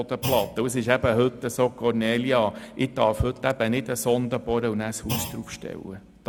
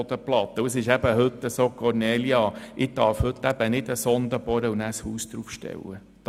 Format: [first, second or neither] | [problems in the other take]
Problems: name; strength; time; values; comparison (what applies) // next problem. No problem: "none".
second | background sound (Thump, thud); 14 dB below the speech